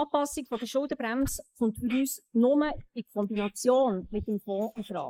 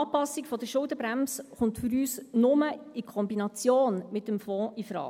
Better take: second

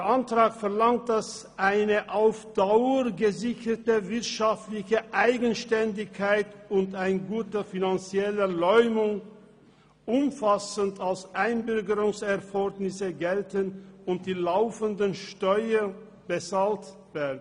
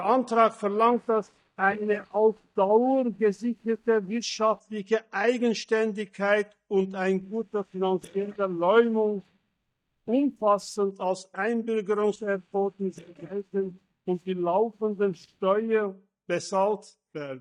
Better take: first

